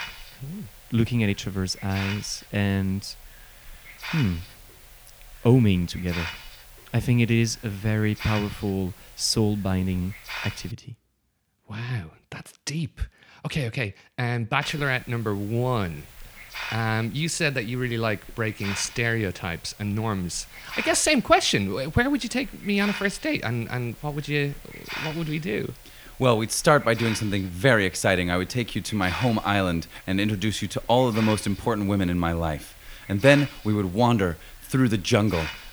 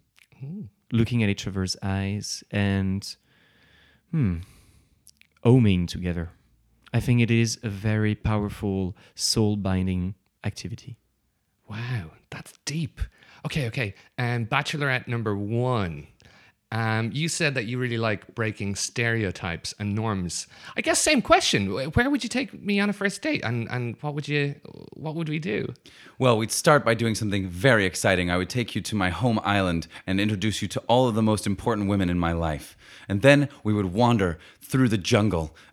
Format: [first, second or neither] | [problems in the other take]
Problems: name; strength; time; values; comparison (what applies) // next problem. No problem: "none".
second | hiss; noticeable; until 11 s and from 15 s on; 15 dB below the speech